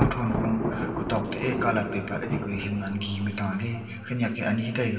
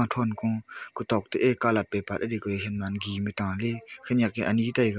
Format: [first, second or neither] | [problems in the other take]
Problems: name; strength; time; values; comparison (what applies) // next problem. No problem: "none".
second | background sound (Thunder); 4 dB below the speech // room echo; dies away in 2.3 s